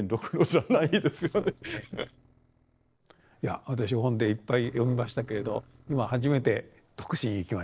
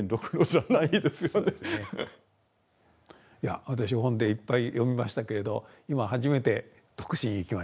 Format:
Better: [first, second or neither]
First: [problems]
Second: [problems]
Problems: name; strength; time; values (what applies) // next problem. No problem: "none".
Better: second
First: noise reduction (neural separator model SepFormer DNS4)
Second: none